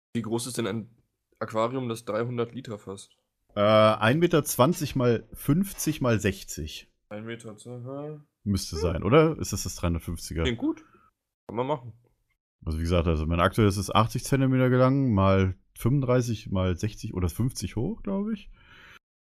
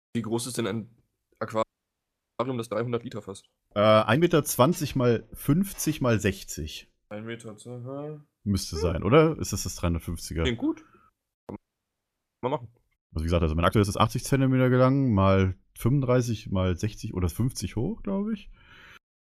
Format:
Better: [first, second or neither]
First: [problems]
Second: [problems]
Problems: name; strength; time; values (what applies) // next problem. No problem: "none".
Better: first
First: none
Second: audio freezing; at 1.5 s for 1 s and at 12 s for 1 s